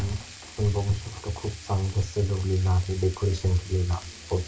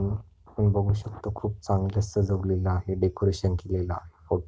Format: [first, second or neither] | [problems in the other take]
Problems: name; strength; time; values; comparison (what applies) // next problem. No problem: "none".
second | background sound (Frying (food)); 18 dB below the speech // room echo; dies away in 0.2 s